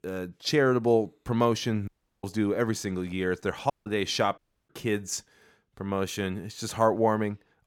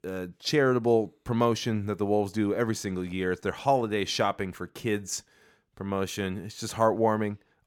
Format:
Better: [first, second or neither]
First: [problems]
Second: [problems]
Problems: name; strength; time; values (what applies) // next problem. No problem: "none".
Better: second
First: audio cutting out; at 2 s, at 3.5 s and at 4.5 s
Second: none